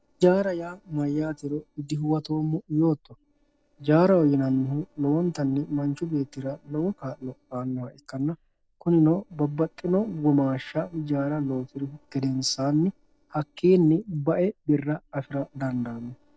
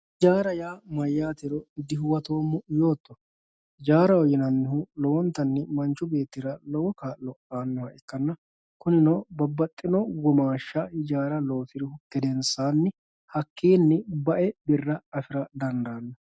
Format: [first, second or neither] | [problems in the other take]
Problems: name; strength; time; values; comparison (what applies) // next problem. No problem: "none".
second | noise reduction (neural separator model SepFormer DNS4)